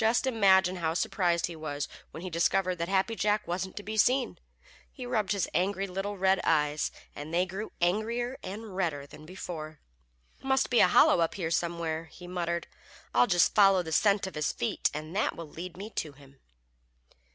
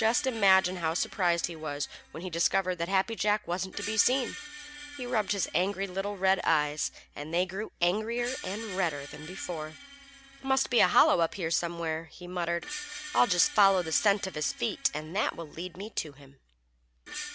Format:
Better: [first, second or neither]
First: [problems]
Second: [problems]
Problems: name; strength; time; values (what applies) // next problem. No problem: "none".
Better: first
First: none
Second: background sound (Screech); 16 dB below the speech